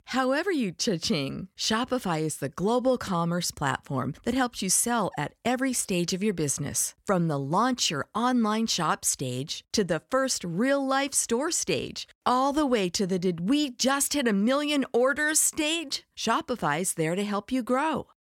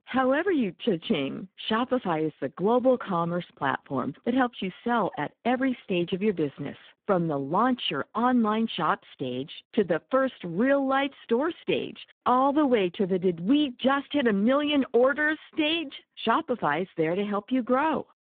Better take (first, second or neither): first